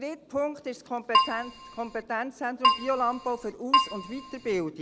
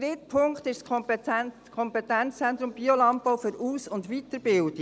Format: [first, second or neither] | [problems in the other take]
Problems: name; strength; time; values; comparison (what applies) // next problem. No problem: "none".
second | background sound (Keyboard (musical)); 4 dB above the speech